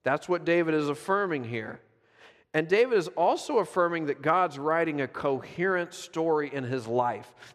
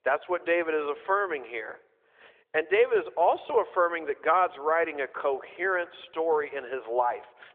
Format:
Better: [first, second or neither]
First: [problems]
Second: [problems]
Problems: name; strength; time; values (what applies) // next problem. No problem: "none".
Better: first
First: none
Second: phone-call audio